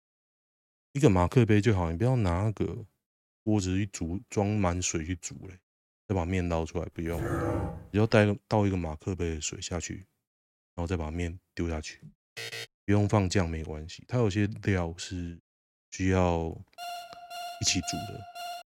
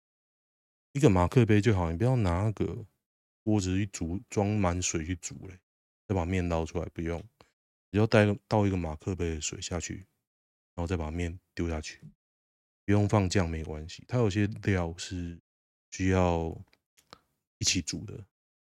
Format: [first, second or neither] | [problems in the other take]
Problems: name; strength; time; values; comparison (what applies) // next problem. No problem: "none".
second | dog barking; noticeable; at 7 s; peak 2 dB below the speech // alarm; noticeable; at 12 s; peak 8 dB below the speech // alarm; faint; from 17 s on; peak 10 dB below the speech